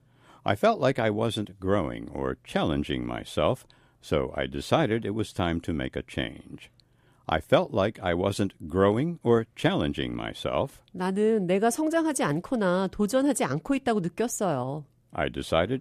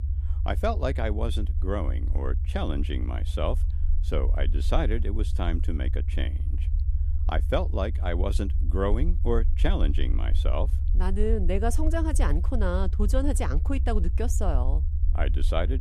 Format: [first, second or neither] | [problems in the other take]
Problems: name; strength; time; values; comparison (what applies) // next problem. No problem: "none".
first | low rumble; noticeable; throughout; 15 dB below the speech